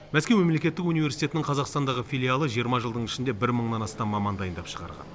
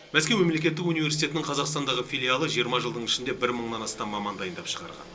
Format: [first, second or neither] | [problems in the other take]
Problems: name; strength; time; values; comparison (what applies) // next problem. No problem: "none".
first | room echo; dies away in 0.2 s